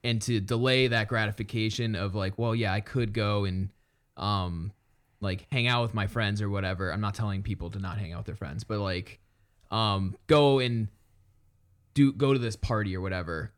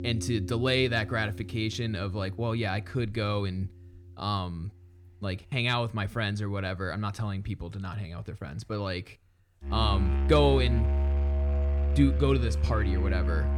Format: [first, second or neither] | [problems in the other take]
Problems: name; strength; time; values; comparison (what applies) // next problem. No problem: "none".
first | background music; very loud; throughout; as loud as the speech